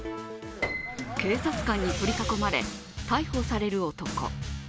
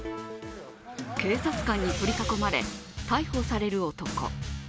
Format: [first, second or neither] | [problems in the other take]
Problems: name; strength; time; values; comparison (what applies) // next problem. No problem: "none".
second | background sound (Piano); 10 dB below the speech